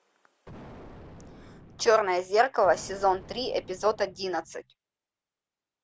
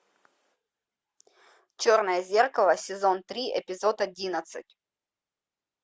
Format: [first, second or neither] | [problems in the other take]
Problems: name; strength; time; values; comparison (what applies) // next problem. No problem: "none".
second | background sound (Explosion); 19 dB below the speech